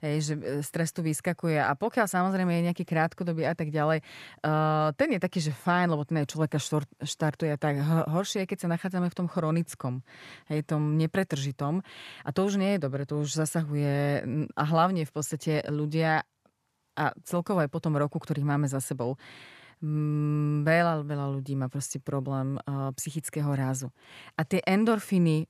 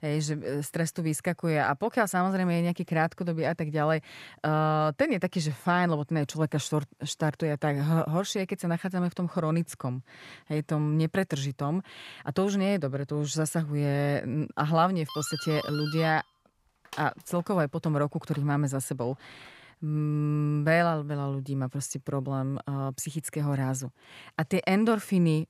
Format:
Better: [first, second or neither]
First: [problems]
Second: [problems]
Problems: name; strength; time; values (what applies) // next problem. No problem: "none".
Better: first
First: none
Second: doorbell; noticeable; from 15 to 19 s; peak 8 dB below the speech